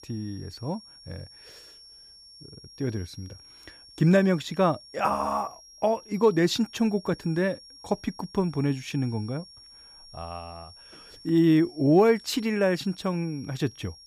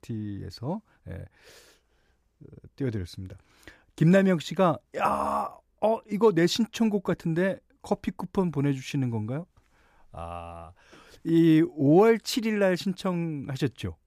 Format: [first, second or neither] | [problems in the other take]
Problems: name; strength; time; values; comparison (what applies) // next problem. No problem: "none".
second | high-pitched whine; faint; throughout; 5.5 kHz, 20 dB below the speech